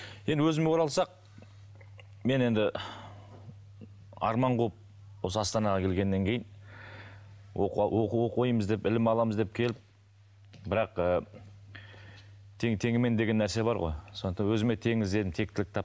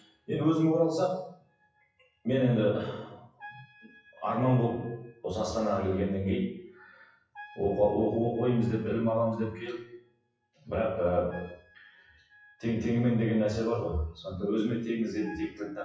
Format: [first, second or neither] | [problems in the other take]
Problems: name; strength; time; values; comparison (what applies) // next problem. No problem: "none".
first | noise reduction (classical method WPE with log-MMSE)